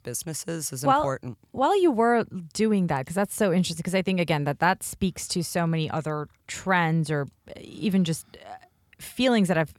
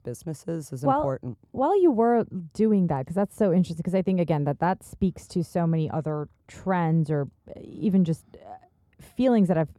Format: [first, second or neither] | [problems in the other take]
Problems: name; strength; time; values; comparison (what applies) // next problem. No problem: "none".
first | muffled; slightly; fading above 1 kHz